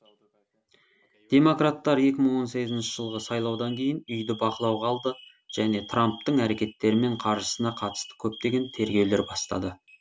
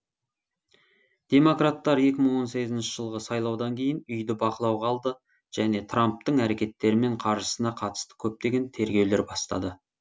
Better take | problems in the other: second | background sound (Alarm); 19 dB below the speech

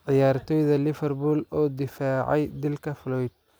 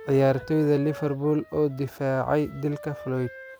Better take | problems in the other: first | background sound (Wind instrument, woodwind instrument); 19 dB below the speech

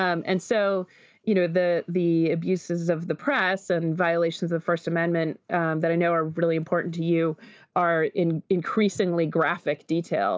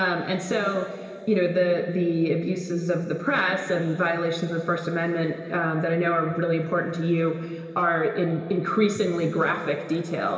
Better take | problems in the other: first | room echo; dies away in 2.6 s

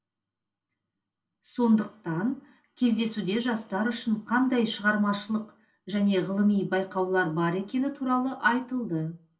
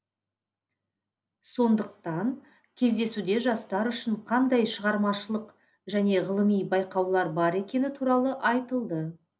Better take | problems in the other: second | room echo; dies away in 0.2 s

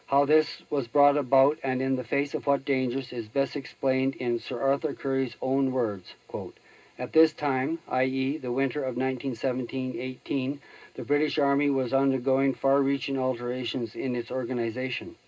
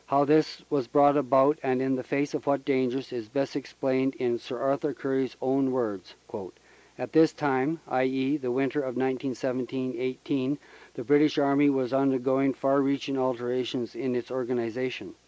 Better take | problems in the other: second | room echo; dies away in 0.2 s

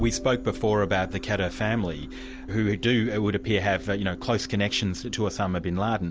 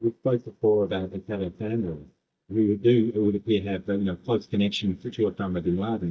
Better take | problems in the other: first | noise reduction (neural mask model DeepFilterNet 3)

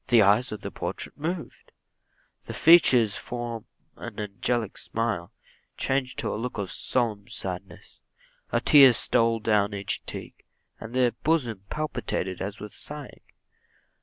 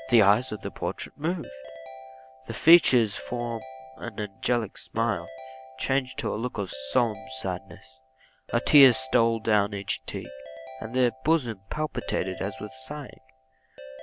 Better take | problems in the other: first | background sound (Ringtone / Keyboard (musical)); 17 dB below the speech

